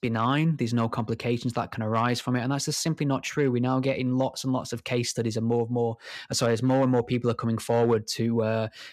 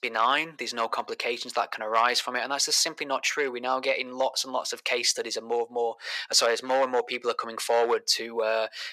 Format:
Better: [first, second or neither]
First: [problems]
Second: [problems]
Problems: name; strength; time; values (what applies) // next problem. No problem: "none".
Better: first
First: none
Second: thin; very; fading below 550 Hz